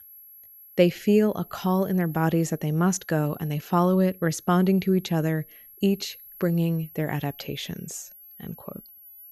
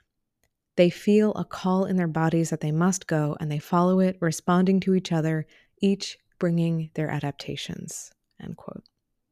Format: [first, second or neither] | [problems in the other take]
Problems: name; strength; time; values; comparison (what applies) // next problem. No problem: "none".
second | high-pitched whine; faint; throughout; 11.5 kHz, 20 dB below the speech